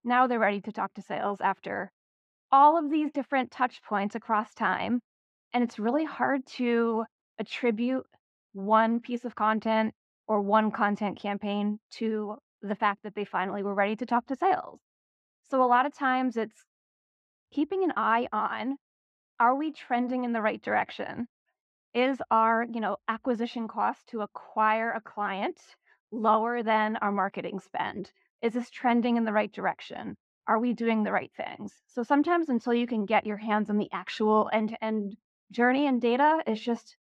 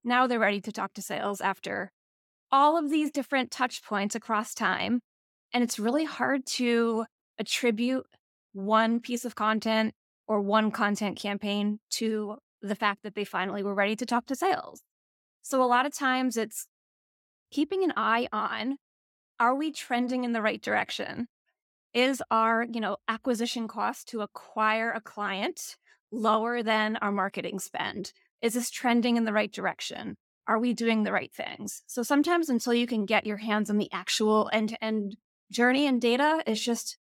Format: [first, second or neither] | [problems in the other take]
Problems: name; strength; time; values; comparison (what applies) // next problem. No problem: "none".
second | muffled; very; fading above 2 kHz